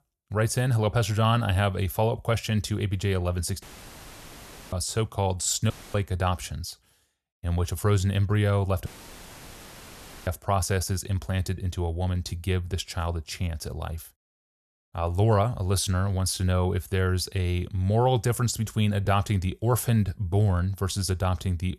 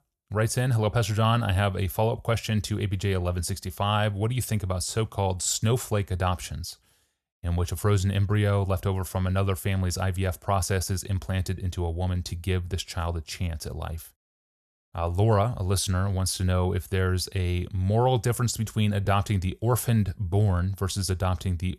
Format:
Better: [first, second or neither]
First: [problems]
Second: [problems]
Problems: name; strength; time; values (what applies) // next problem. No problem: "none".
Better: second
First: audio cutting out; filled with static; at 3.5 s for 1 s, at 5.5 s and at 9 s for 1.5 s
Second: none